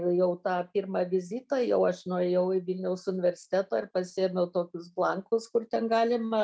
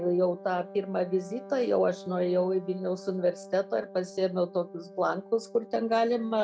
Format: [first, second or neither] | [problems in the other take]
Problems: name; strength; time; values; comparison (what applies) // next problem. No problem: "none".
first | background sound (Wind instrument, woodwind instrument); 17 dB below the speech